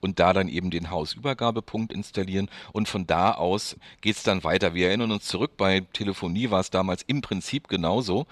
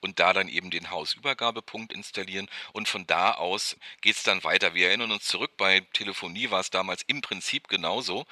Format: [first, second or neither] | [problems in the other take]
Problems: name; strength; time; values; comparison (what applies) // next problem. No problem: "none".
first | thin; somewhat; fading below 1 kHz